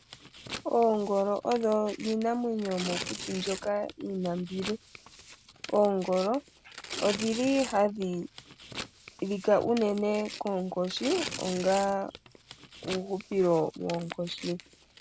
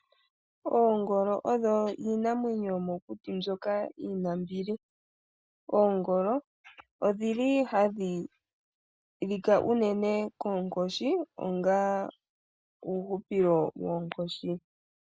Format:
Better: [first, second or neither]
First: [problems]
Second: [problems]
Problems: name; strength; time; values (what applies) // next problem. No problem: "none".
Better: second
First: background sound (Tearing); 13 dB below the speech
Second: none